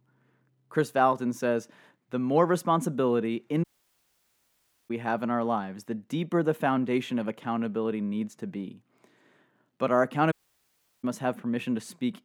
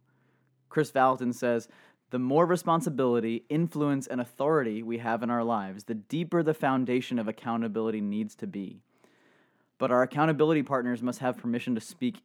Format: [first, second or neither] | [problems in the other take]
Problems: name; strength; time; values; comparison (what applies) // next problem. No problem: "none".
second | audio cutting out; at 3.5 s for 1 s and at 10 s for 0.5 s